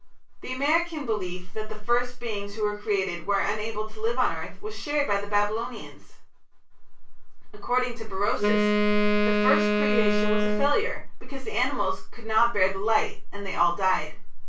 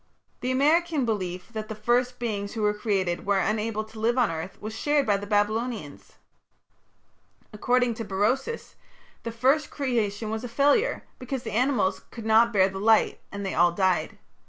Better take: second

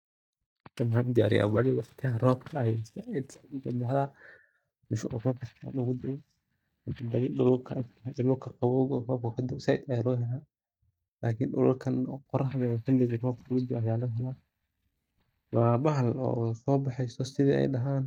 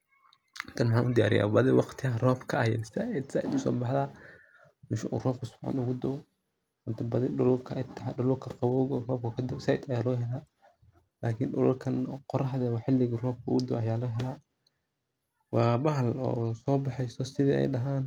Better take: second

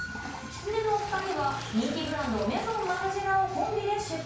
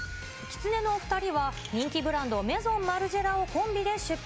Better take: second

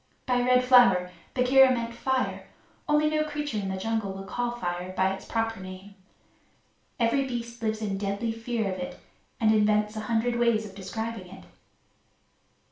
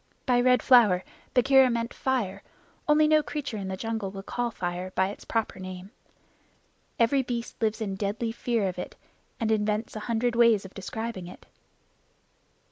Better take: second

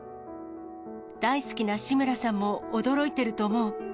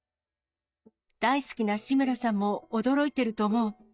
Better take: first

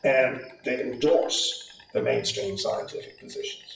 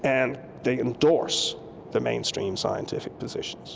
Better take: second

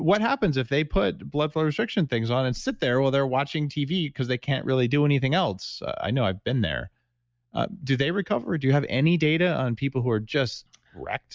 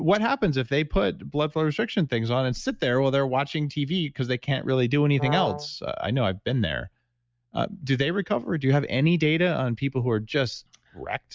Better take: first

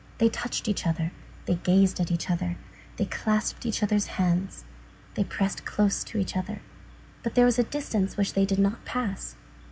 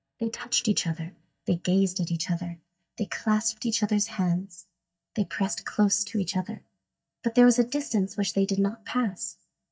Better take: first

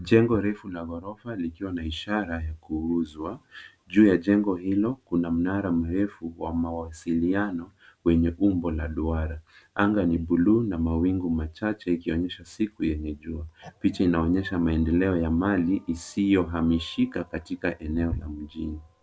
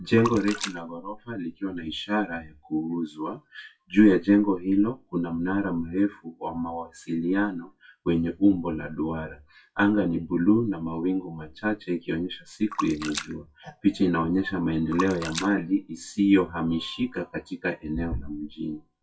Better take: first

